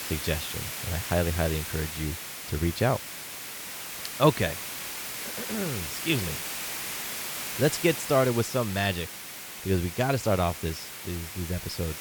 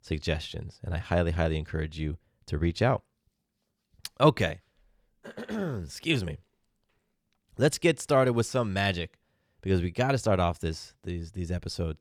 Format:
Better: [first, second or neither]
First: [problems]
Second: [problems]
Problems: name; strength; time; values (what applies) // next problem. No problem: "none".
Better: second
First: hiss; loud; throughout; 6 dB below the speech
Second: none